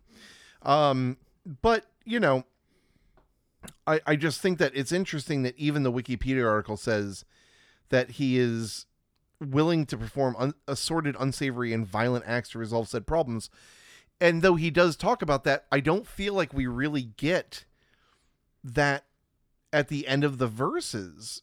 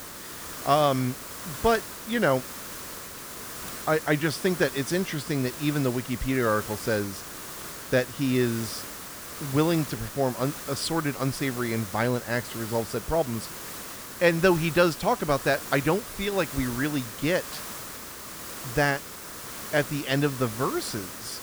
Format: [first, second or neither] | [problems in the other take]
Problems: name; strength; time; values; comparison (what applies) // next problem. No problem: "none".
first | hiss; loud; throughout; 10 dB below the speech